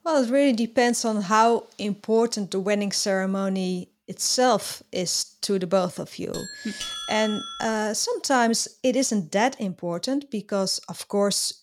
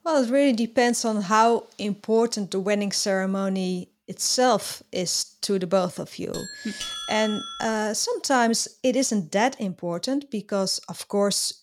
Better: neither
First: doorbell; noticeable; from 6.5 to 7.5 s; peak 6 dB below the speech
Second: doorbell; noticeable; from 6.5 to 7.5 s; peak 6 dB below the speech

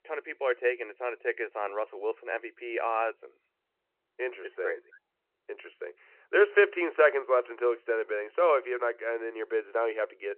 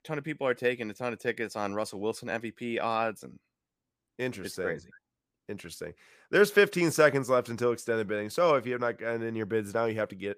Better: second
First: phone-call audio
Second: none

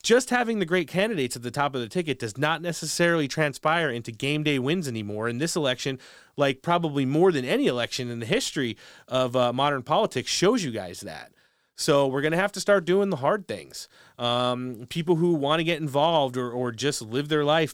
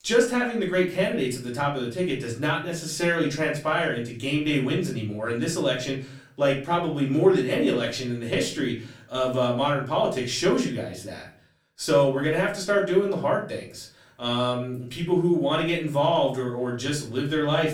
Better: first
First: none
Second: off-mic speech; far // room echo; slight; dies away in 0.4 s

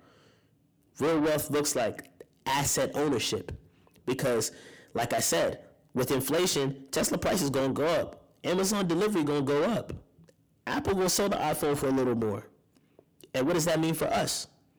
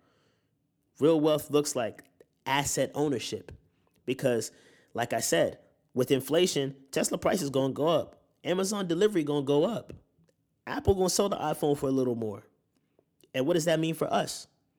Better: second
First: distortion; heavy; 6 dB below the speech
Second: none

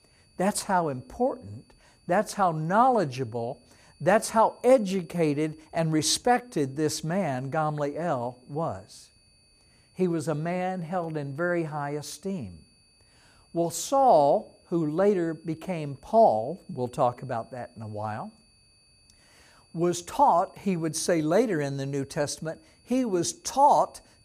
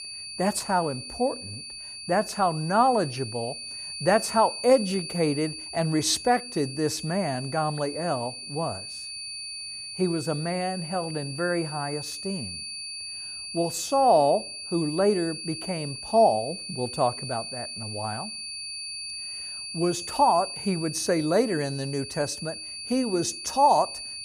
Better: first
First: high-pitched whine; faint; throughout; 4.5 kHz, 35 dB below the speech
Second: high-pitched whine; loud; throughout; 4.5 kHz, 9 dB below the speech

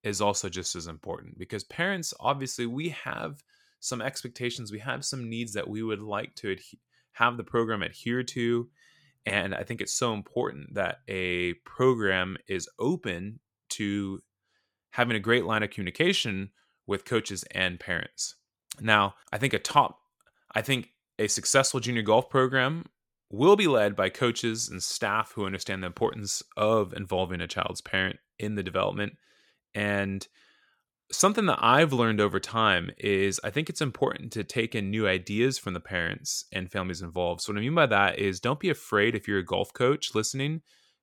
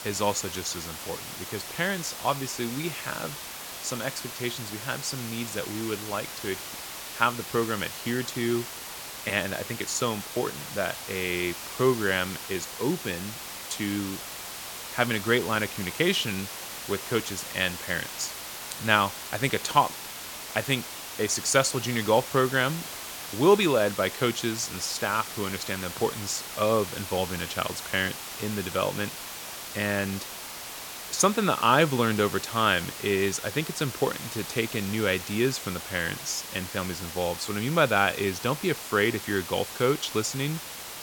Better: first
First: none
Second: hiss; loud; throughout; 8 dB below the speech

